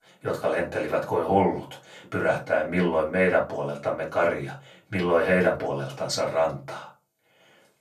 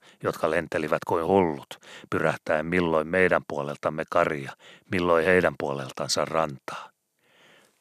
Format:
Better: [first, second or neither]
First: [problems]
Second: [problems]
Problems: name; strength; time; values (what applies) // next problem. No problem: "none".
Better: second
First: off-mic speech; far // room echo; very slight; dies away in 0.2 s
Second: none